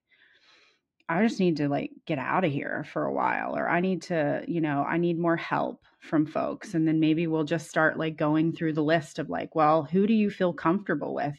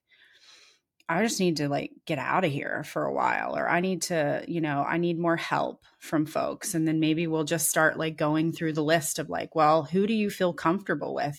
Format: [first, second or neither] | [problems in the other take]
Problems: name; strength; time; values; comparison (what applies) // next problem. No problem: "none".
second | muffled; slightly; fading above 3 kHz